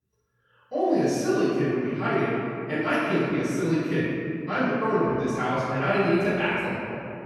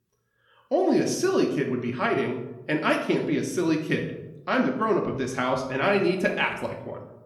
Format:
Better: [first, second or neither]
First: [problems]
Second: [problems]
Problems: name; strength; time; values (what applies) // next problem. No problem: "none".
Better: second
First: room echo; strong; dies away in 2.4 s // off-mic speech; far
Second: room echo; slight; dies away in 0.7 s // off-mic speech; somewhat distant